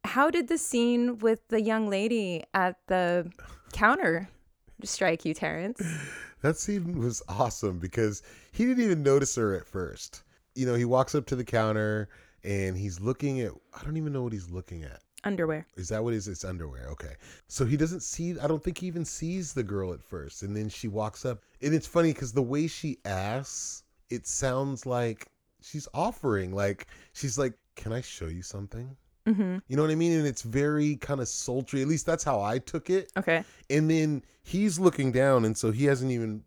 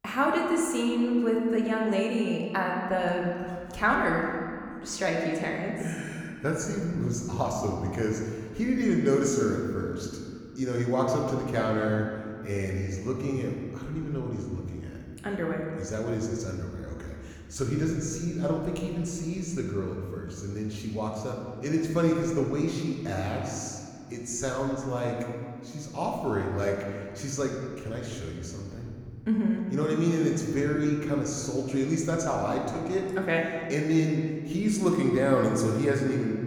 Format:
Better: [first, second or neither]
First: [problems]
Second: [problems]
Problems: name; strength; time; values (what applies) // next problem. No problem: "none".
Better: first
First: none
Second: room echo; noticeable; dies away in 2.1 s // off-mic speech; somewhat distant